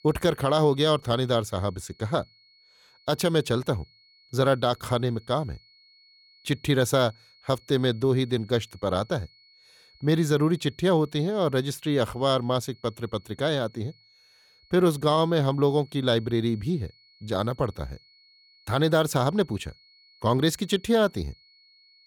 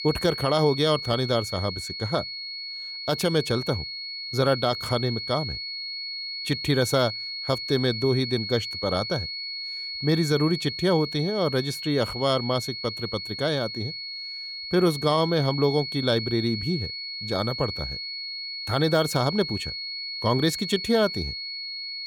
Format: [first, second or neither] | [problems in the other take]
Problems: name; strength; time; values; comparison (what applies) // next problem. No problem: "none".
first | high-pitched whine; loud; throughout; 4.5 kHz, 6 dB below the speech; faint in the first